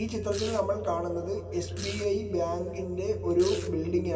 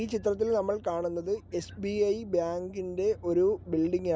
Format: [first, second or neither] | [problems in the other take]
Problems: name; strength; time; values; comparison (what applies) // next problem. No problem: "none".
second | background sound (Domestic sounds, home sounds); 15 dB below the speech // room echo; dies away in 2.6 s